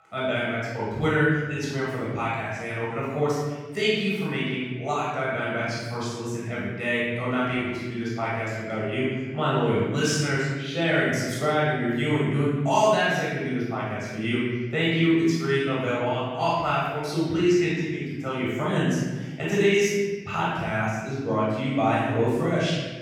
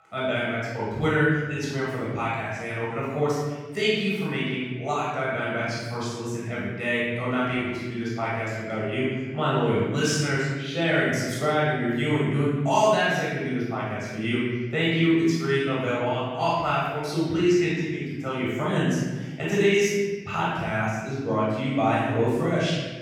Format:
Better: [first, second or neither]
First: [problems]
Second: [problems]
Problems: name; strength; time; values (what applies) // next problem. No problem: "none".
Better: neither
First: off-mic speech; far // room echo; strong; dies away in 1.4 s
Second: off-mic speech; far // room echo; strong; dies away in 1.4 s